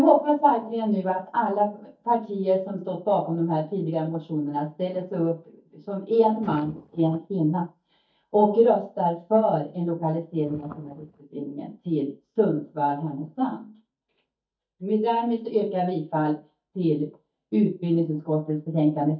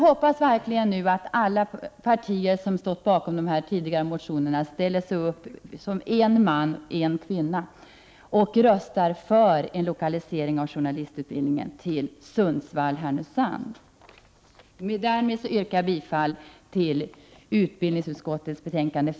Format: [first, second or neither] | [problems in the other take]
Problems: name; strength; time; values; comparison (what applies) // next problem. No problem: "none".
second | noise reduction (neural mask model DeepFilterNet 3)